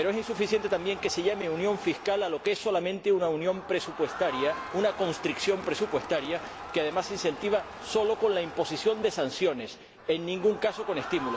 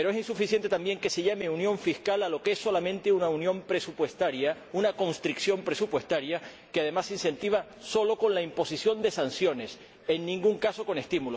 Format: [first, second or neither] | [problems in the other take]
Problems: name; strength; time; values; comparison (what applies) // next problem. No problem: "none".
second | background sound (Crowd); 12 dB below the speech